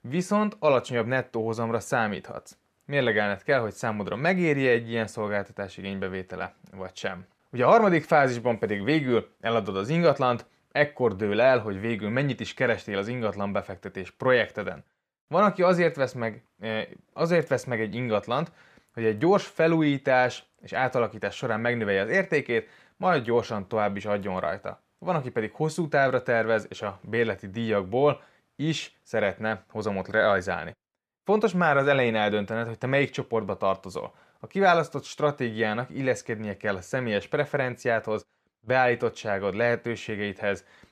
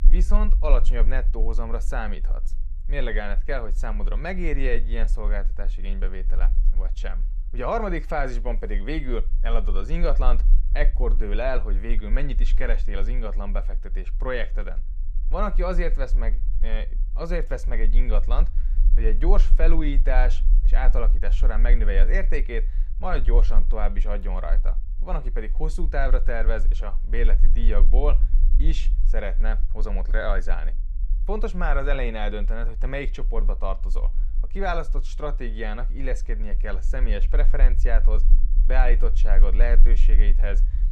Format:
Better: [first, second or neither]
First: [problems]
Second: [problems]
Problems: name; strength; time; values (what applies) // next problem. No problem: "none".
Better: first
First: none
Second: low rumble; faint; throughout; 20 dB below the speech